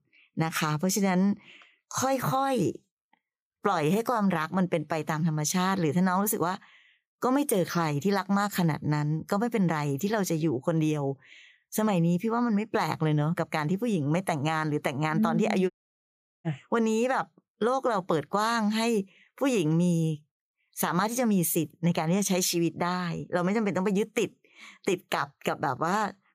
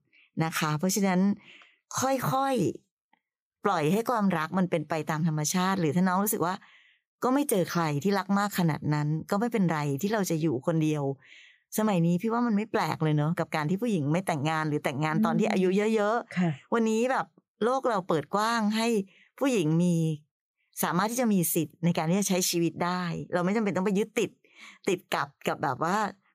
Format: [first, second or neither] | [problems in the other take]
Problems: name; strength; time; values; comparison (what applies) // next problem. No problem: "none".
second | audio cutting out; at 16 s for 0.5 s